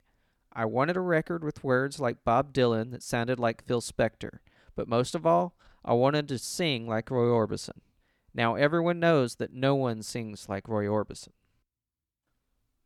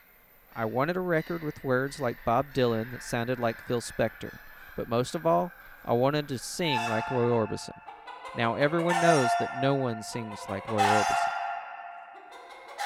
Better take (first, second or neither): first